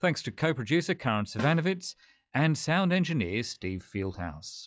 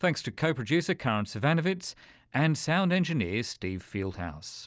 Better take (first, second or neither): second